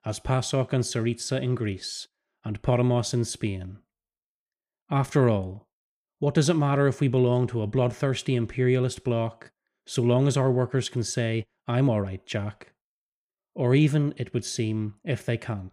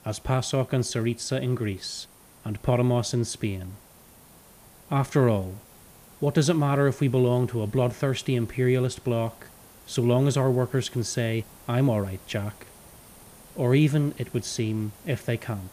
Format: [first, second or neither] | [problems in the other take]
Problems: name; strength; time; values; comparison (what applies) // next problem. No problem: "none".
first | hiss; faint; throughout; 25 dB below the speech